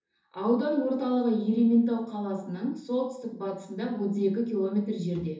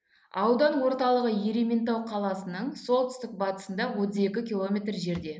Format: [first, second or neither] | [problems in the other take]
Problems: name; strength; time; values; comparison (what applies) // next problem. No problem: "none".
second | room echo; dies away in 0.6 s